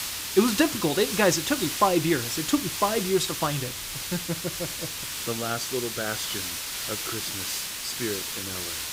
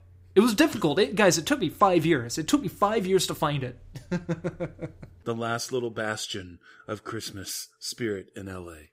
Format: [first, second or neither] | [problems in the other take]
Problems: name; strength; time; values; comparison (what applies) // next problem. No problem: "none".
second | hiss; loud; throughout; 3 dB below the speech